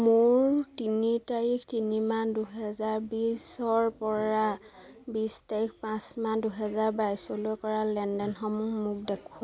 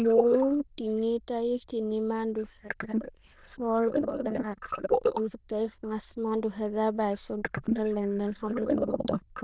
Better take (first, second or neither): first